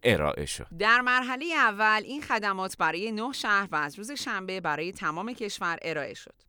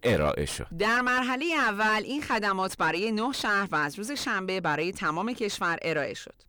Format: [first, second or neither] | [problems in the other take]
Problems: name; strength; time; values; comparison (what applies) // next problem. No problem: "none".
first | distortion; heavy; 7 dB below the speech